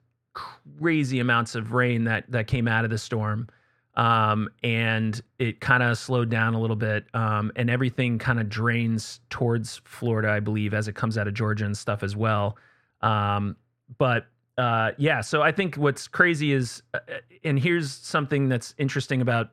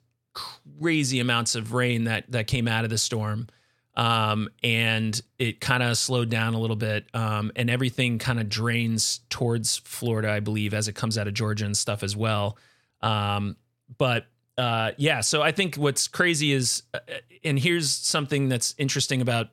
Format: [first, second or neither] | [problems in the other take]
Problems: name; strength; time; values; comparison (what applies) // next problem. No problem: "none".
second | muffled; very; fading above 3 kHz